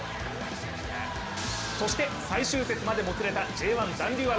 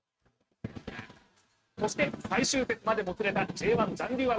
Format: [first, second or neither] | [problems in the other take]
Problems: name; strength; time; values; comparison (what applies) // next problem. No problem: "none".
first | noise reduction (neural mask model RNNoise)